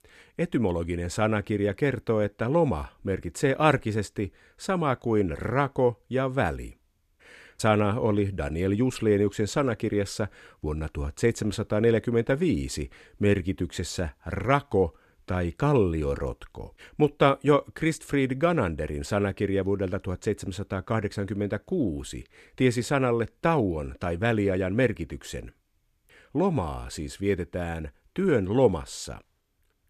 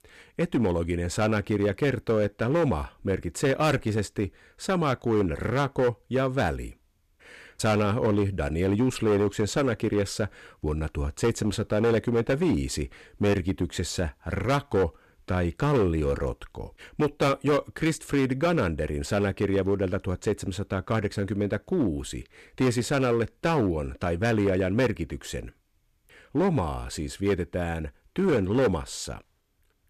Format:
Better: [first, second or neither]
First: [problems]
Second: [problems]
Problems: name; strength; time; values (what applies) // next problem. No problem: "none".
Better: first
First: none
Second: distortion; slight; 6% of the sound clipped